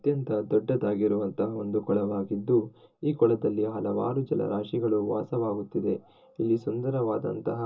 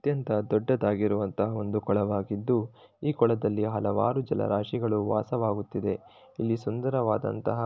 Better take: second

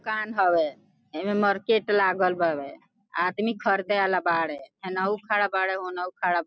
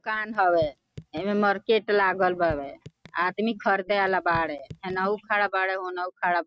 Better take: first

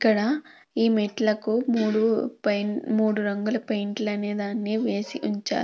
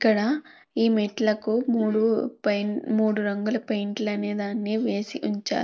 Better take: first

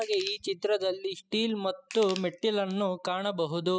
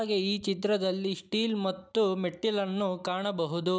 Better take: second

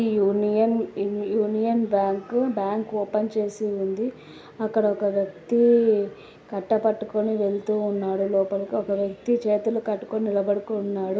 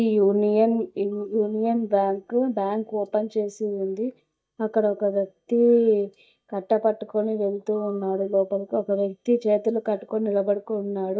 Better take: first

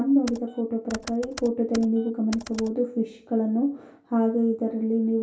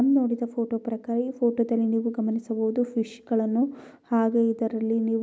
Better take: second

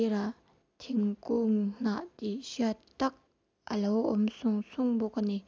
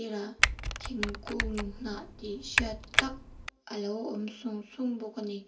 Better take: first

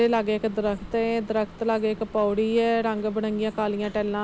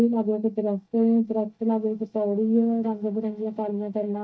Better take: first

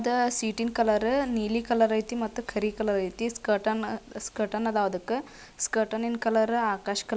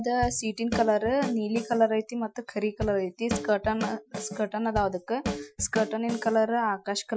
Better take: first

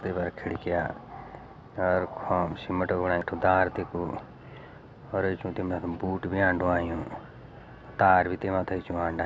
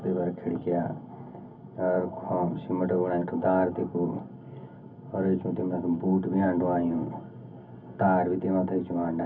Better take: first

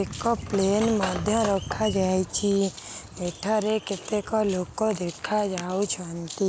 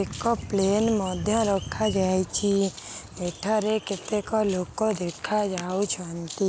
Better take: second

